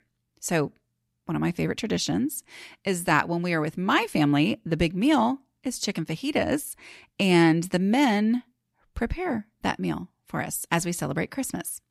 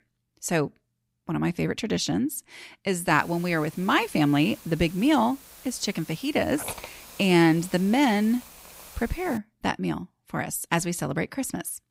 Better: first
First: none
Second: hiss; noticeable; from 3 to 9.5 s; 20 dB below the speech

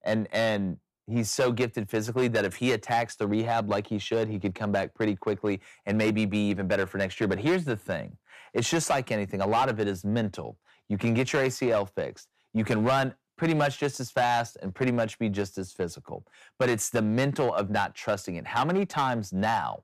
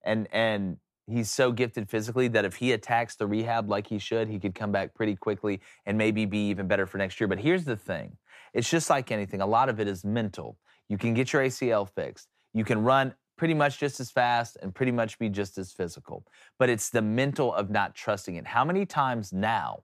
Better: second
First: distortion; slight; 5% of the sound clipped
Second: none

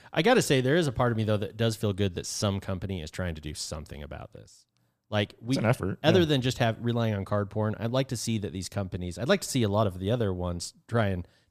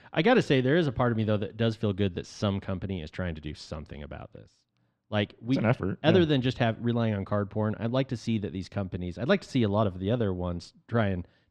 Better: first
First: none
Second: muffled; slightly; fading above 3 kHz

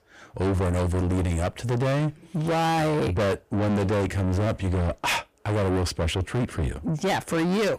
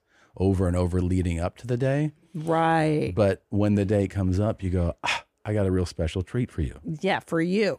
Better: second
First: distortion; heavy; 6 dB below the speech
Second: none

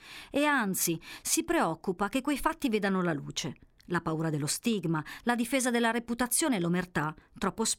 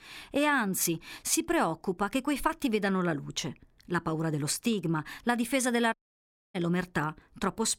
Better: first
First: none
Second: audio cutting out; at 6 s for 0.5 s

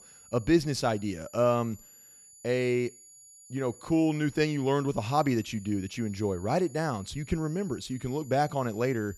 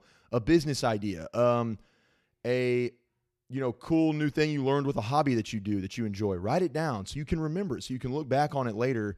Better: second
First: high-pitched whine; faint; throughout; 7 kHz, 20 dB below the speech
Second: none

